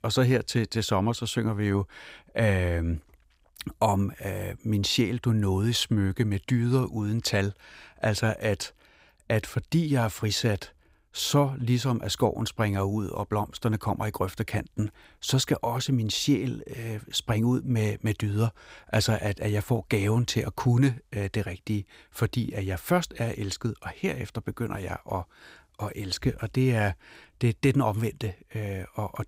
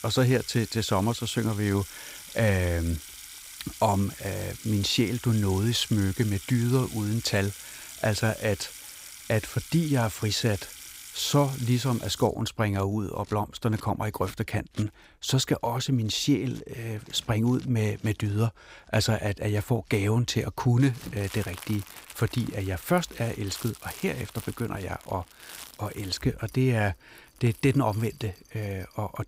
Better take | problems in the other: first | household noises; noticeable; throughout; 15 dB below the speech

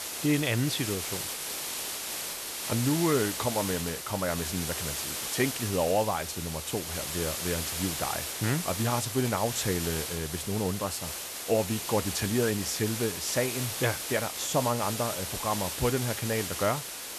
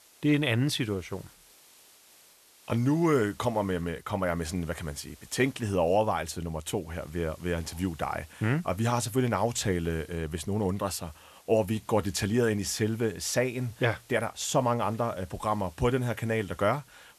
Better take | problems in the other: second | hiss; loud; throughout; 3 dB below the speech; faint in the second

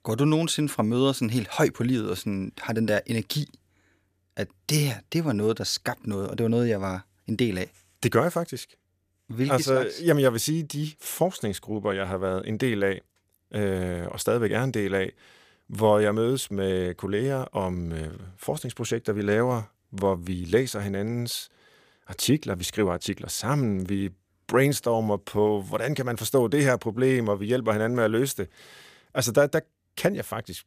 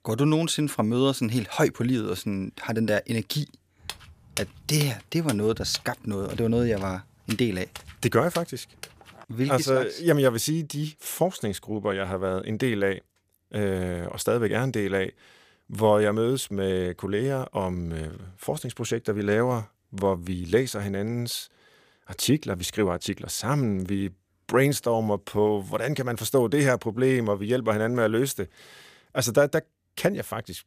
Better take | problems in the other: first | footsteps; noticeable; from 4 to 9 s; peak 8 dB below the speech

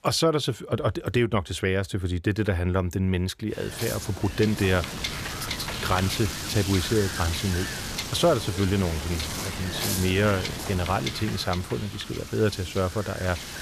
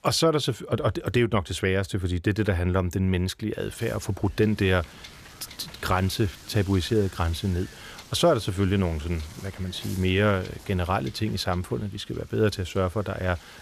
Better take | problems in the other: second | wind noise on the microphone; heavy; from 3.5 s on; 4 dB below the speech; occasional gusts in the second

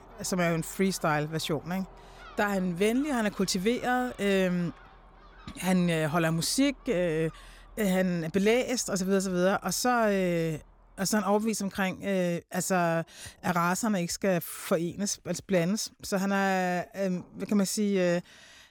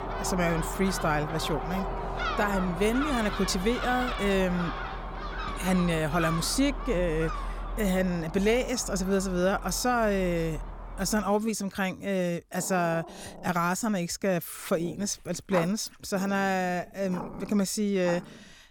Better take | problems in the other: first | animal sounds; loud; throughout; 8 dB below the speech; faint in the first

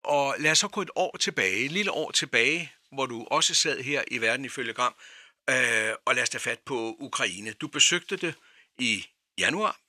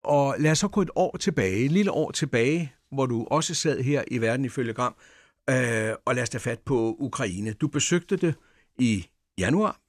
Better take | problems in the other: second | thin; somewhat; fading below 1 kHz

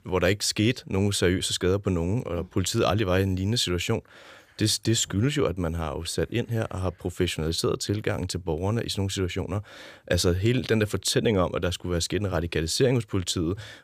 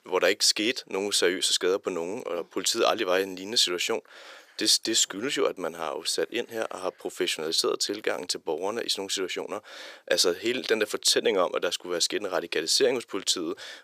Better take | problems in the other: first | thin; very; fading below 350 Hz

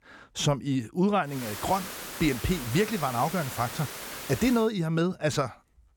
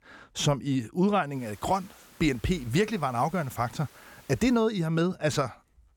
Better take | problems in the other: second | hiss; loud; from 1.5 to 4.5 s; 9 dB below the speech; faint in the second

